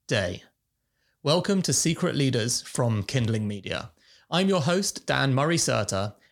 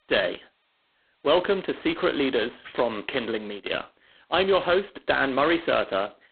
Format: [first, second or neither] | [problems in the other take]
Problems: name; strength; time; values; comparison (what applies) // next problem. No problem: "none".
first | phone-call audio; poor line; nothing above 3.5 kHz